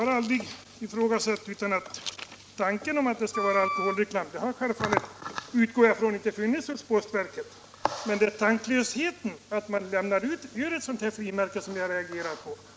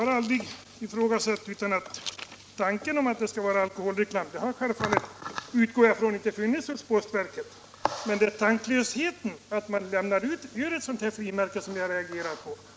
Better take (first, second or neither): second